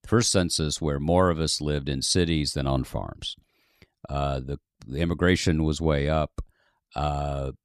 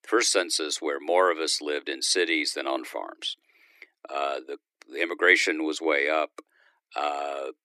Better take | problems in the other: first | thin; very; fading below 300 Hz

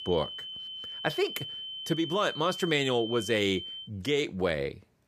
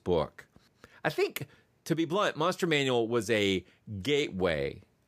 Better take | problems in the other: second | high-pitched whine; loud; until 4 s; 3 kHz, 7 dB below the speech

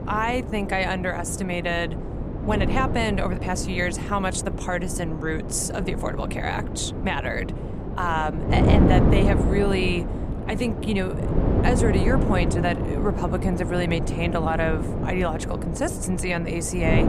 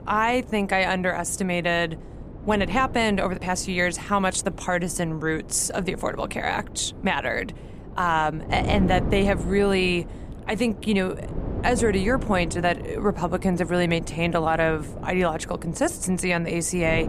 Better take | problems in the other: second | wind noise on the microphone; heavy; 5 dB below the speech; occasional gusts in the second

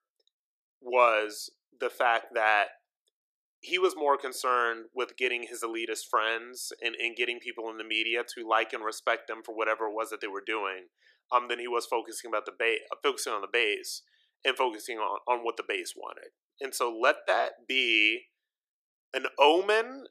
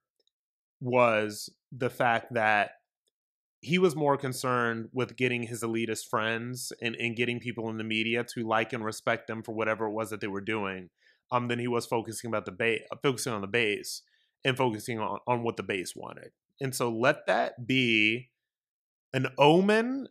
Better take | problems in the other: second | thin; very; fading below 350 Hz

